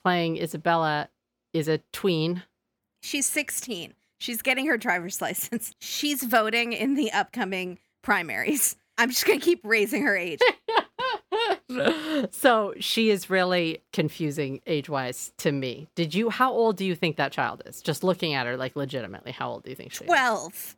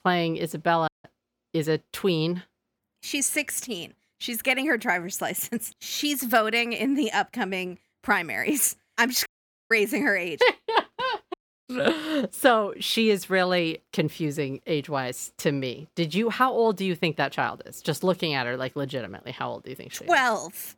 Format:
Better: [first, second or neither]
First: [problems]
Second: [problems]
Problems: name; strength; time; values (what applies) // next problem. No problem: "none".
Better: first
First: none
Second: audio cutting out; at 1 s, at 9.5 s and at 11 s